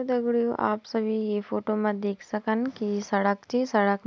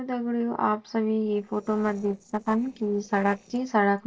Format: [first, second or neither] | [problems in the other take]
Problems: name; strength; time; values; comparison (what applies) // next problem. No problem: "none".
first | noise reduction (neural separator model SepFormer DNS4)